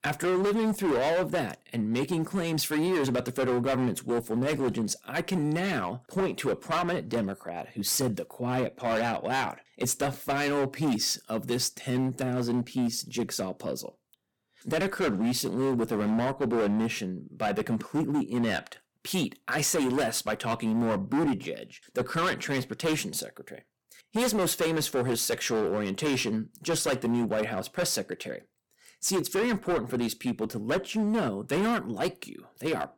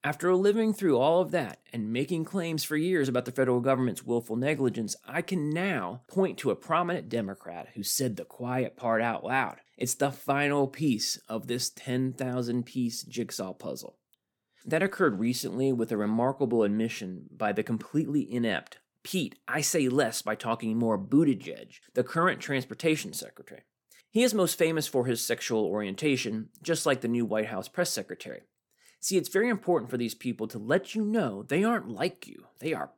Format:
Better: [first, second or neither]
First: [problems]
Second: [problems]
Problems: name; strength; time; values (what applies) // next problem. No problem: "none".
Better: second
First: distortion; heavy; 15% of the sound clipped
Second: none